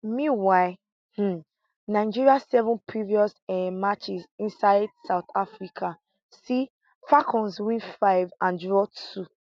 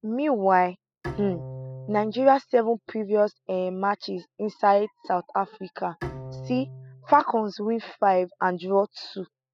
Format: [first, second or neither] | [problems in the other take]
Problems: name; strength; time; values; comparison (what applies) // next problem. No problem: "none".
first | noise reduction (classical method spectral subtraction)